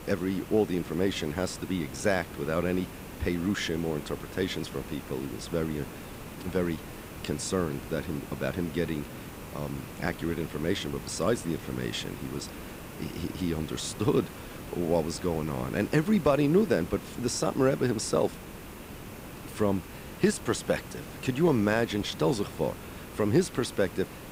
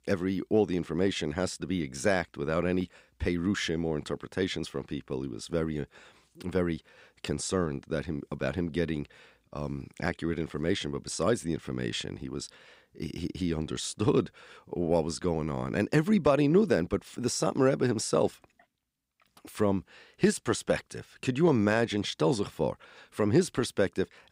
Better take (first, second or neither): second